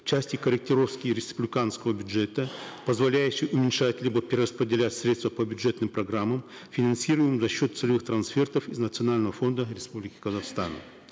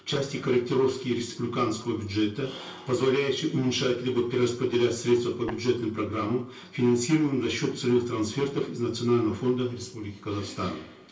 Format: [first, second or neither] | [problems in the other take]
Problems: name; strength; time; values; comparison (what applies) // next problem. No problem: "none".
first | background sound (Tap); 15 dB below the speech // room echo; dies away in 0.3 s